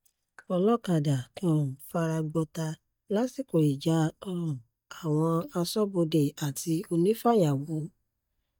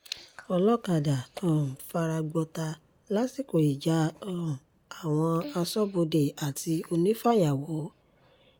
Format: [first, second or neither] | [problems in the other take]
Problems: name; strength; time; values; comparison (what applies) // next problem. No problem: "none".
second | noise reduction (neural mask model DeepFilterNet 3)